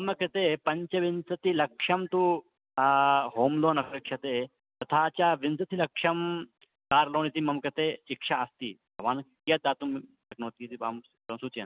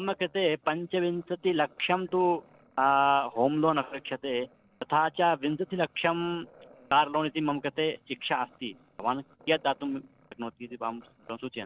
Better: first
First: none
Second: noise reduction (neural separator model SepFormer DNS4)

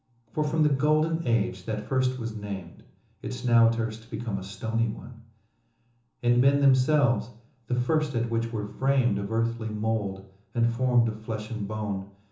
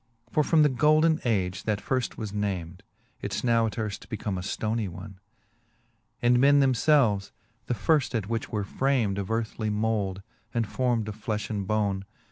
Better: second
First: room echo; dies away in 0.6 s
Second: none

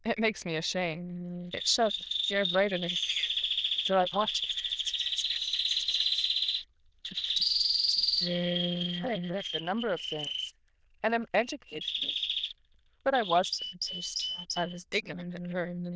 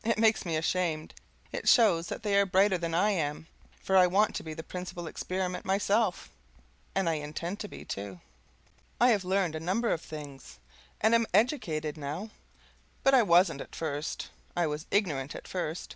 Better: second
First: noise reduction (neural diffusion model UNIVERSE++)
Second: none

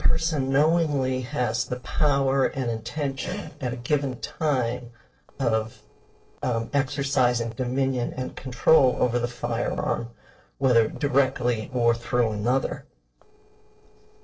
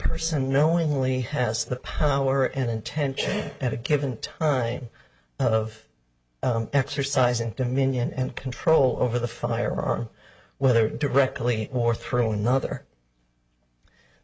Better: second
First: noise reduction (neural separator model SepFormer DNS4)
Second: none

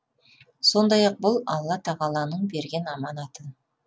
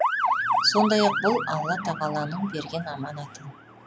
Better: first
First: none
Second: background sound (Motor vehicle (road) / Siren); 1 dB below the speech

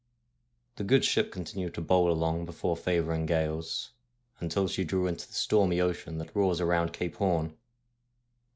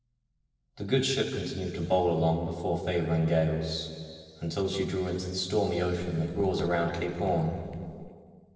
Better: first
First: none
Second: noise reduction (neural separator model SepFormer DNS4)

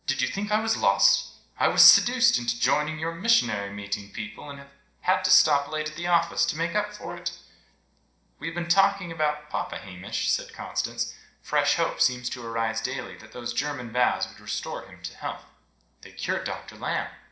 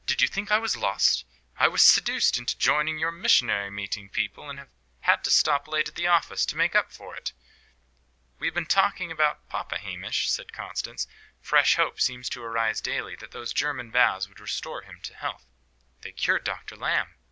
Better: second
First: noise reduction (neural separator model SepFormer DNS4)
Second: none

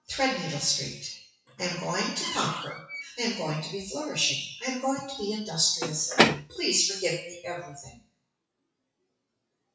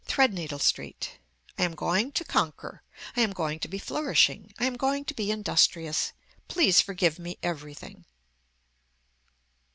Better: second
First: noise reduction (classical method WPE with log-MMSE)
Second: none

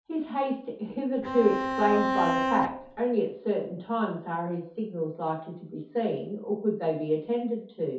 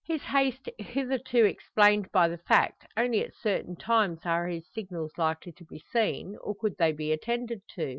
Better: second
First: background sound (Bowed string instrument); as loud as the speech // room echo; dies away in 0.5 s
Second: none

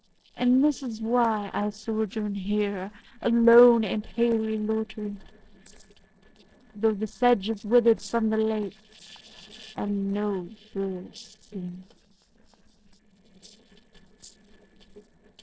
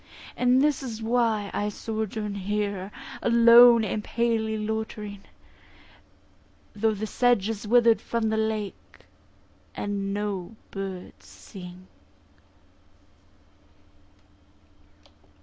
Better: second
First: noise reduction (neural separator model SepFormer DNS4)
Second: none

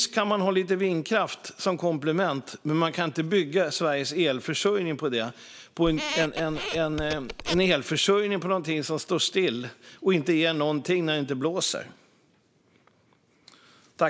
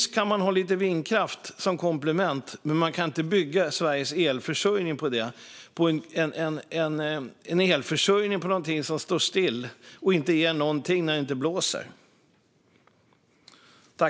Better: second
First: background sound (Squeak); 7 dB below the speech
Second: none

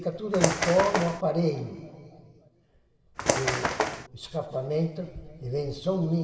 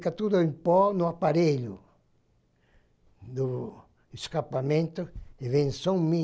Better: second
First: background sound (Bird); 2 dB above the speech // room echo; dies away in 2.2 s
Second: none

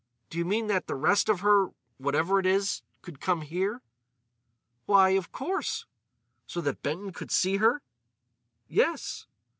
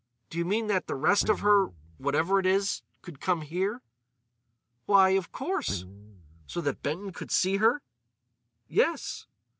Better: first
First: none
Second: background sound (Guitar); 15 dB below the speech

